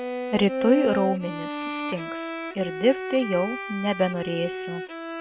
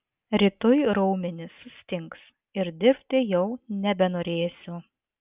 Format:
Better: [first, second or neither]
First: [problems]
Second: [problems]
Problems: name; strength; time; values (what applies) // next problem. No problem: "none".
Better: second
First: background sound (Bowed string instrument); 5 dB below the speech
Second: none